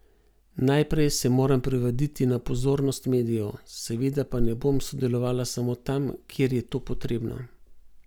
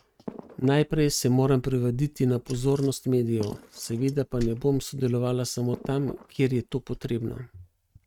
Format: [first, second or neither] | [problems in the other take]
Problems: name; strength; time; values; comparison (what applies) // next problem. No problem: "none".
first | noise reduction (neural mask model RNNoise)